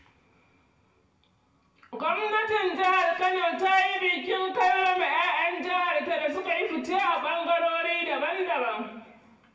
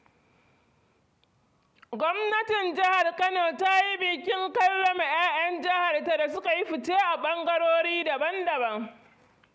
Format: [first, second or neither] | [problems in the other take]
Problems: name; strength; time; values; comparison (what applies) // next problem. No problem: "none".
second | room echo; dies away in 1 s